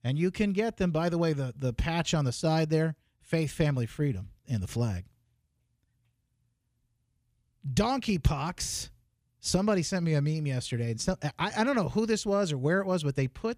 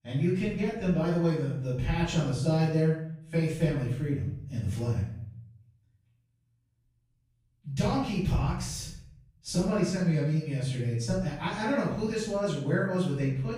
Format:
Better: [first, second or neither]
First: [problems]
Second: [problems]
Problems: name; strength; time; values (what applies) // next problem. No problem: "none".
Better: first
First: none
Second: room echo; noticeable; dies away in 0.7 s // off-mic speech; far